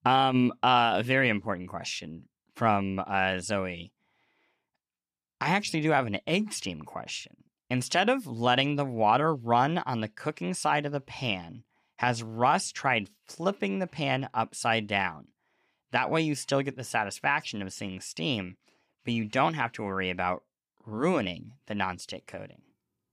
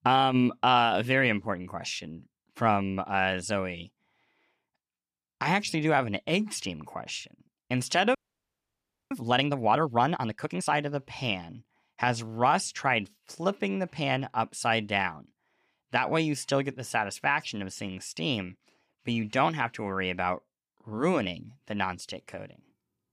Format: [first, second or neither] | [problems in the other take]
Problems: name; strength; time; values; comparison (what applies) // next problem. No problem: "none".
first | audio freezing; at 8 s for 1 s